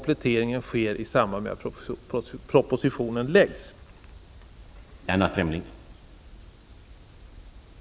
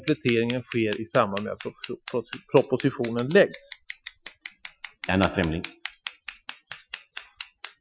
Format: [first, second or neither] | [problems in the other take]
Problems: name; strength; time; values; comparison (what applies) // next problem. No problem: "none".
first | noise reduction (classical method Wiener filter)